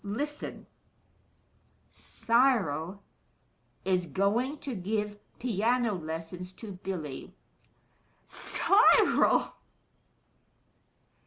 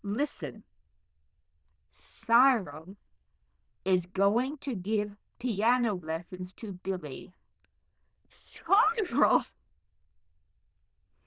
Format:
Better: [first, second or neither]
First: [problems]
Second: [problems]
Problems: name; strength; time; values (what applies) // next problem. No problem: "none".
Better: first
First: none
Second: noise reduction (neural diffusion model UNIVERSE++)